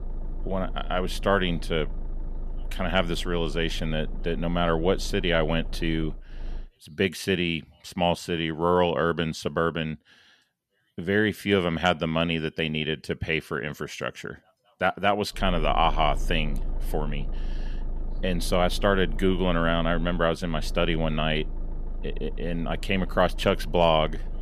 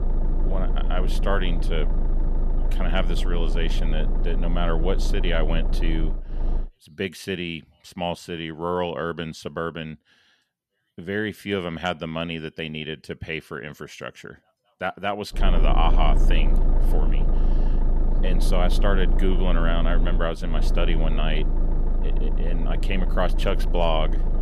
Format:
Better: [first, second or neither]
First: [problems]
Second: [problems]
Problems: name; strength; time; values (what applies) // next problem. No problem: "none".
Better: first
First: low rumble; faint; until 6.5 s and from 15 s on; 25 dB below the speech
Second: low rumble; loud; until 6.5 s and from 15 s on; 9 dB below the speech